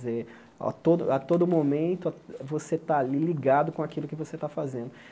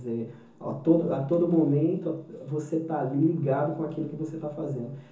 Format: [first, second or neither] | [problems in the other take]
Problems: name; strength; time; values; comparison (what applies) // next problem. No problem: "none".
first | room echo; dies away in 0.7 s